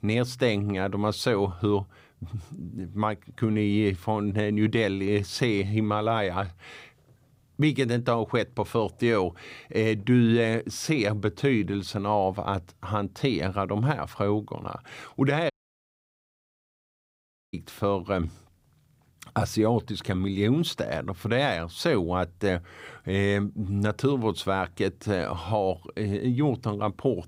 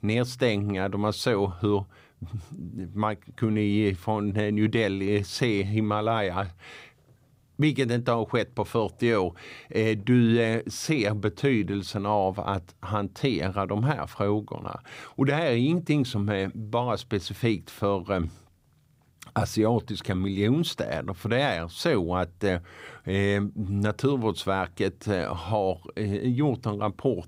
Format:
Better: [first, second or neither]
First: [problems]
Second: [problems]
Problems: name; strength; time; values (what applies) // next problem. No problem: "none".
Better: second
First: audio cutting out; at 16 s for 2 s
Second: none